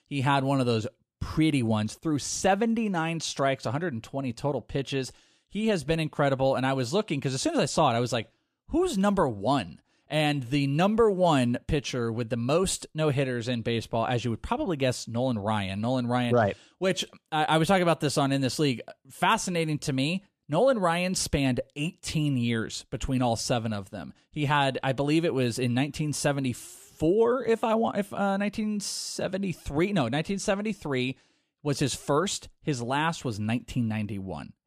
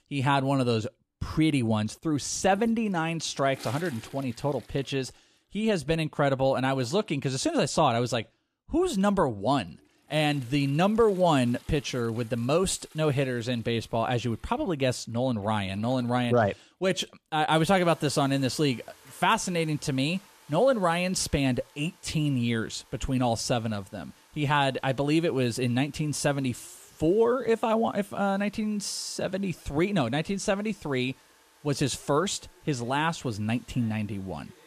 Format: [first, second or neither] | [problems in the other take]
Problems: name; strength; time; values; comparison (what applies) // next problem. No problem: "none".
first | household noises; faint; throughout; 25 dB below the speech